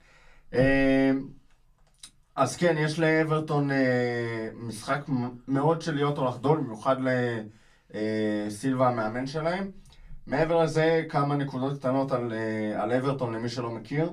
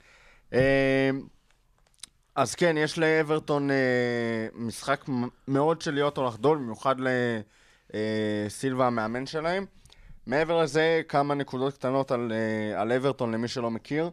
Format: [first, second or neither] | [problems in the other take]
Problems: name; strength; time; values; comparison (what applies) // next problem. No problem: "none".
second | off-mic speech; far // room echo; very slight; dies away in 0.2 s